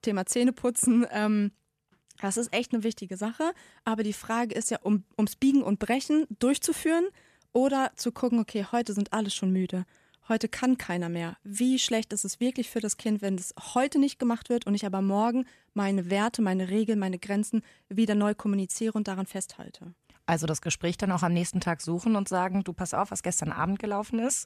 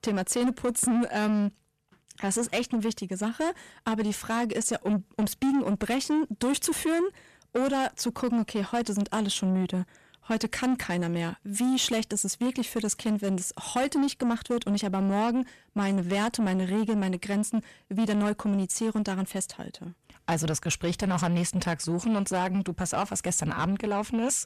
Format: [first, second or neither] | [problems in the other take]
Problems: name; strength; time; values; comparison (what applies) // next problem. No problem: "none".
first | distortion; slight; 10 dB below the speech